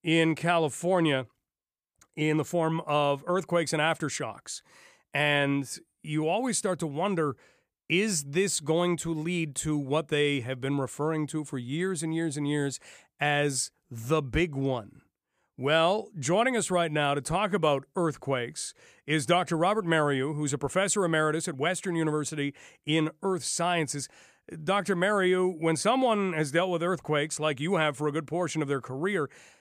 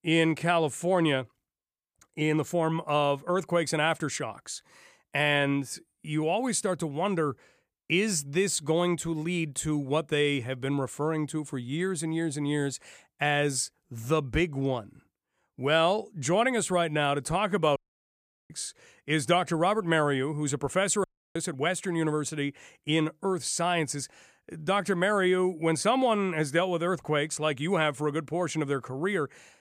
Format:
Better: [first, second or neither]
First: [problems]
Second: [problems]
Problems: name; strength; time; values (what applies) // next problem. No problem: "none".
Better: first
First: none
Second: audio cutting out; at 18 s for 0.5 s and at 21 s